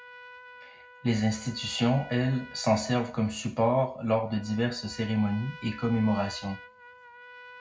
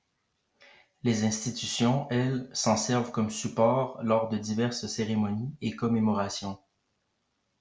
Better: second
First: background sound (Trumpet); 19 dB below the speech // room echo; dies away in 0.3 s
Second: none

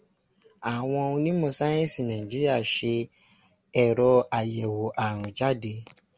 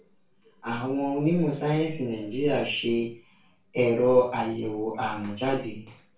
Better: first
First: none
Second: room echo; dies away in 0.3 s

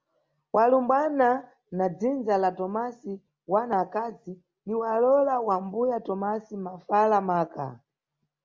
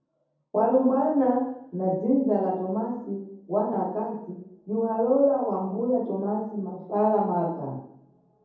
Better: first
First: none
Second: room echo; dies away in 0.9 s

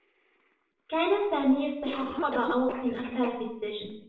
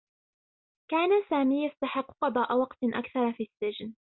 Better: second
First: noise reduction (neural separator model SepFormer DNS4)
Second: none

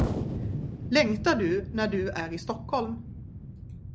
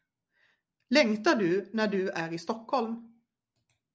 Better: second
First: background sound (Explosion); 5 dB below the speech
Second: none

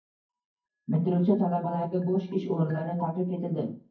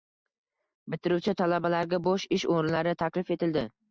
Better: second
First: noise reduction (neural mask model DeepFilterNet 3)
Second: none

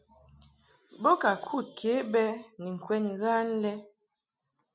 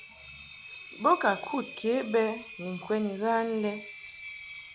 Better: first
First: none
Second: background sound (Engine); 15 dB below the speech

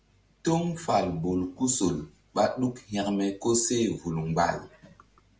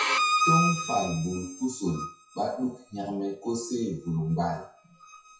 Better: first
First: none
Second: noise reduction (classical method WPE with log-MMSE)

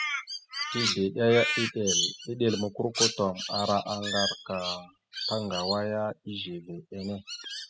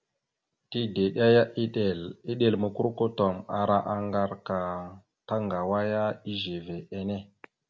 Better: second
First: noise reduction (classical method spectral subtraction)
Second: none

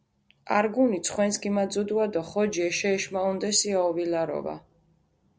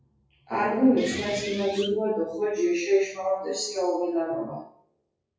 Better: first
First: none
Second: noise reduction (classical method WPE with log-MMSE)

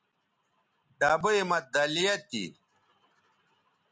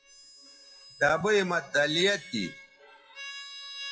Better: first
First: none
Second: noise reduction (classical method WPE with log-MMSE)

